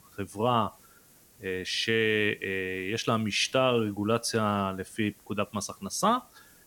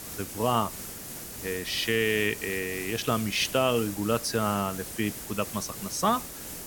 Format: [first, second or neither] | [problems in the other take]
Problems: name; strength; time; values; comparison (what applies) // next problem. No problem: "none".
first | hiss; loud; throughout; 9 dB below the speech; faint in the first